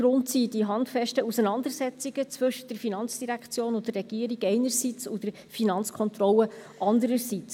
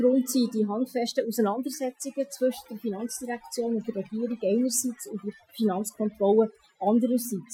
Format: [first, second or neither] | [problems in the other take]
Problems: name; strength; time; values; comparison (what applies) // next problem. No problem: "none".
first | noise reduction (classical method Wiener filter)